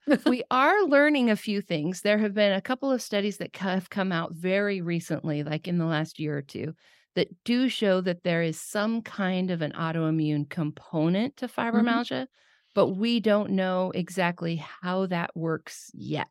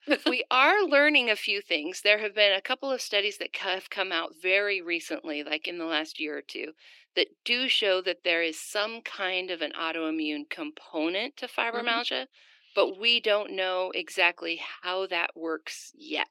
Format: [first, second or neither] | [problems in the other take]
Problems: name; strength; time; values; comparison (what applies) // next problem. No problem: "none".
first | thin; somewhat; fading below 300 Hz